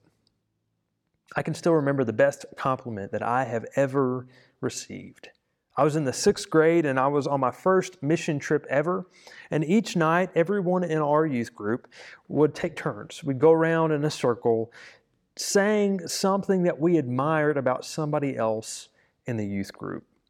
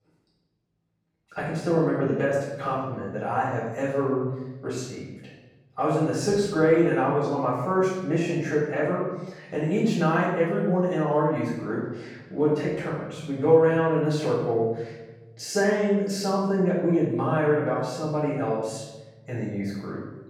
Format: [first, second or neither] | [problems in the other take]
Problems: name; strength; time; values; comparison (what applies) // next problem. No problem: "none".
first | off-mic speech; far // room echo; noticeable; dies away in 1.1 s